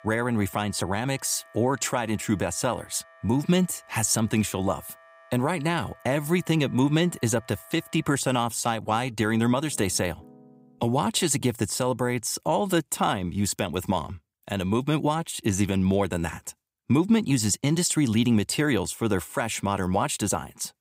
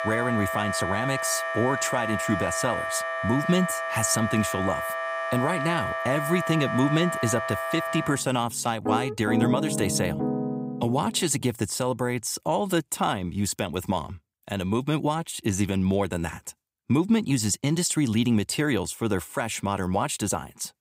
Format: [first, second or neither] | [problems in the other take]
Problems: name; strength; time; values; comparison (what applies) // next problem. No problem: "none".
first | background music; loud; until 11 s; 3 dB below the speech; faint in the first